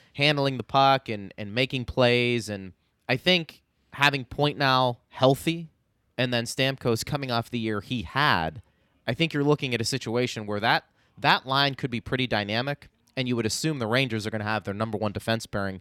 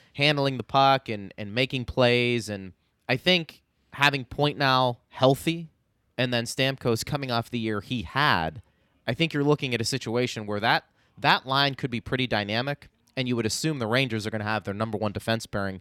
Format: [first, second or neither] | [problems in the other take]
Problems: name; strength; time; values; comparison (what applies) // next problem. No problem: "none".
neither | none